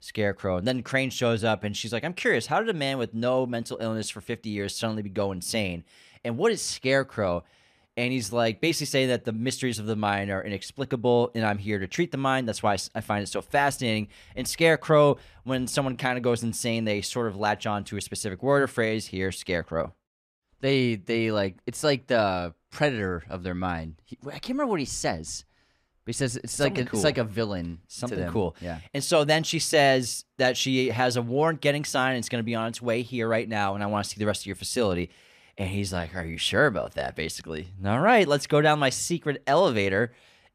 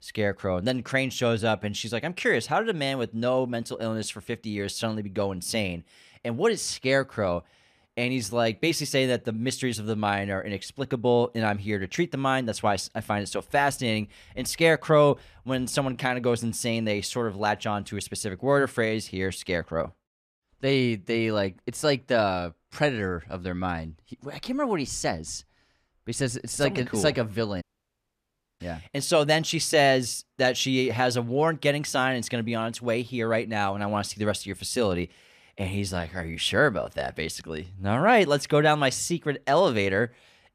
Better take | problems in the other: first | audio cutting out; at 28 s for 1 s

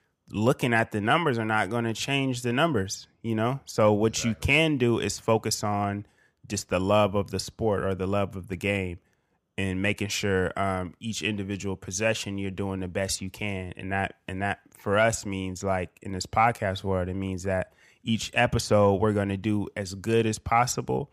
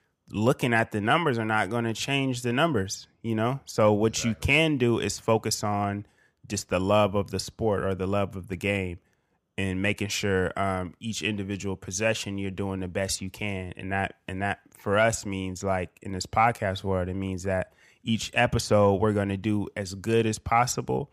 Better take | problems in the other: neither | none

